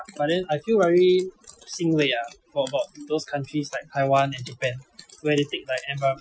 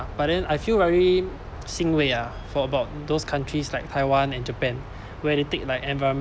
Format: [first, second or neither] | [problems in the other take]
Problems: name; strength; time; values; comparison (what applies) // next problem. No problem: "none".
second | noise reduction (classical method Wiener filter)